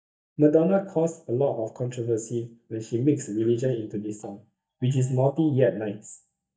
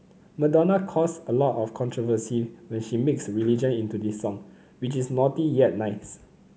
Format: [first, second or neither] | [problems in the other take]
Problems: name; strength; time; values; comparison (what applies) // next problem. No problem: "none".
second | noise reduction (neural mask model DeepFilterNet 3)